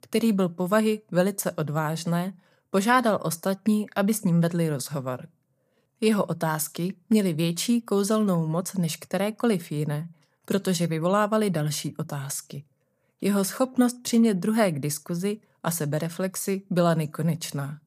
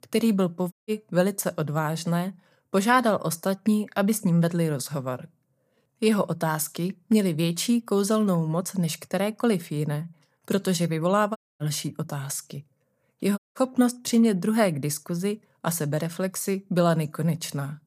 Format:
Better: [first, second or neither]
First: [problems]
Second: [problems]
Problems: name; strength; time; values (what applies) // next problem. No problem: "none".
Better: first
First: none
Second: audio cutting out; at 0.5 s, at 11 s and at 13 s